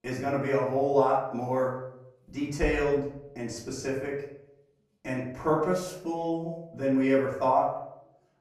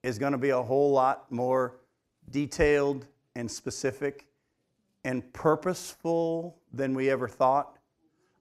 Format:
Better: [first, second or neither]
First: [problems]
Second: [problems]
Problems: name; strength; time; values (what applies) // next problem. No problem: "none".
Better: second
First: off-mic speech; far // room echo; noticeable; dies away in 0.6 s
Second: none